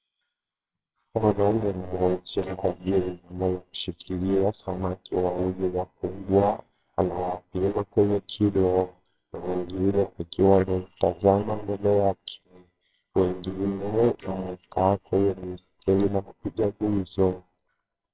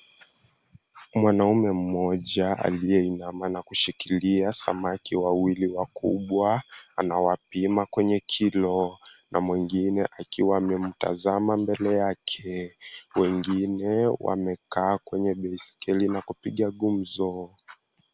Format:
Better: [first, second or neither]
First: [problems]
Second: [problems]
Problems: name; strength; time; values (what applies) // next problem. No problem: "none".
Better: second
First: noise reduction (neural separator model SepFormer WHAMR!)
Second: none